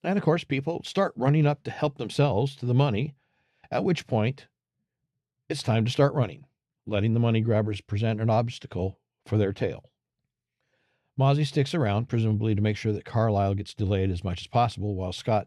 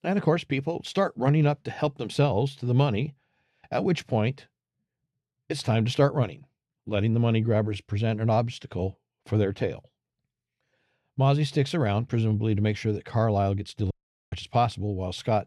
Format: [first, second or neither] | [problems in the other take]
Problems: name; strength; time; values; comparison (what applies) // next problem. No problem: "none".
first | audio cutting out; at 14 s